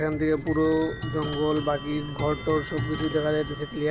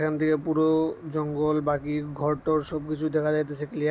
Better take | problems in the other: second | background sound (Clock); 8 dB below the speech

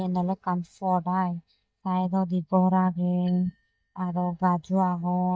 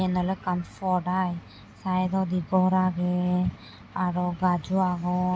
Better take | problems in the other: second | noise reduction (neural mask model DeepFilterNet 3)

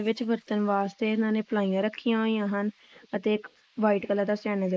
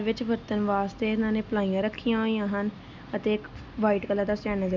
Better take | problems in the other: second | noise reduction (neural mask model Resemble Enhance denoiser)

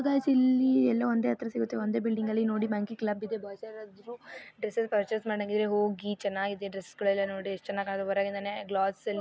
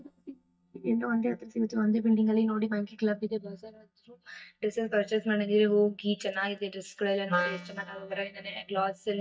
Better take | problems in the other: first | noise reduction (neural mask model DeepFilterNet 3)

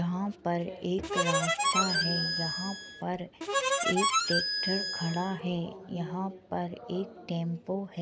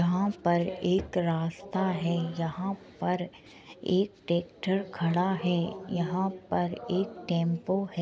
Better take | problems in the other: second | background sound (Harmonica); 3 dB above the speech

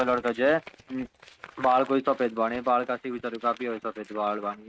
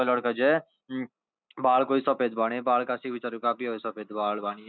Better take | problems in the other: second | noise reduction (neural mask model RNNoise)

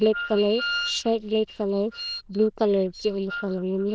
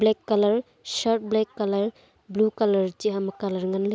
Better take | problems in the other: second | noise reduction (neural diffusion model UNIVERSE++)

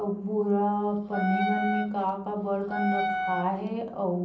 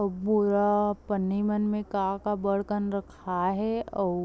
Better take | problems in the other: second | background sound (Wind instrument, woodwind instrument); 3 dB below the speech // room echo; dies away in 0.6 s

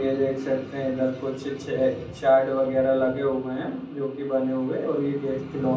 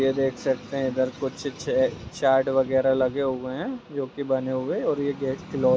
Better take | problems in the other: second | room echo; dies away in 0.6 s

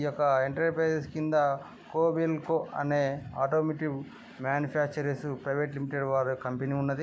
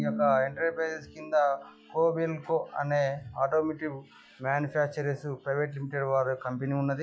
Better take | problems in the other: first | noise reduction (classical method log-MMSE)

